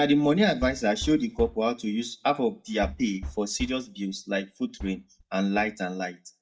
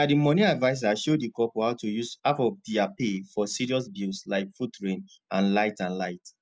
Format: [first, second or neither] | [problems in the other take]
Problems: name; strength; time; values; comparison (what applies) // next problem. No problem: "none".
second | noise reduction (neural mask model DeepFilterNet 3)